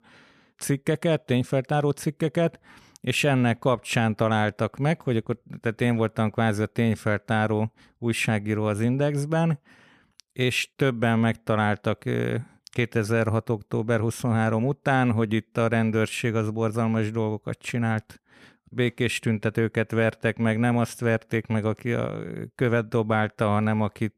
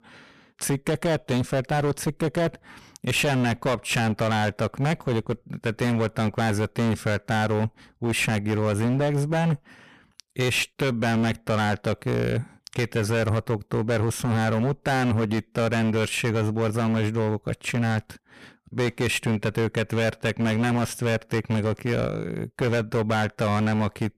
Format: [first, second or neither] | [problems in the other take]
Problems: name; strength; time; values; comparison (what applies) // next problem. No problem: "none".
first | distortion; heavy; 20% of the sound clipped